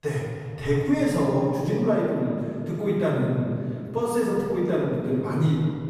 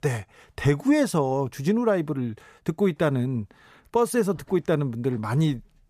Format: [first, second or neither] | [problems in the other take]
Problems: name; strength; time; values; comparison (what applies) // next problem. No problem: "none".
second | off-mic speech; far // room echo; strong; dies away in 2.2 s